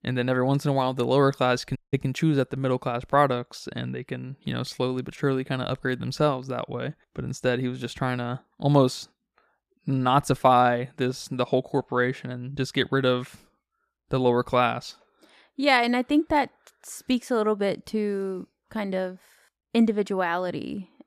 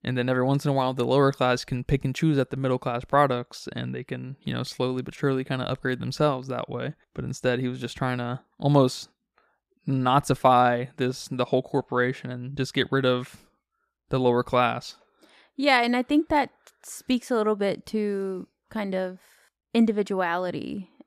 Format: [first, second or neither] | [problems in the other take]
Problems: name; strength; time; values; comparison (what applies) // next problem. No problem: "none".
second | audio cutting out; at 2 s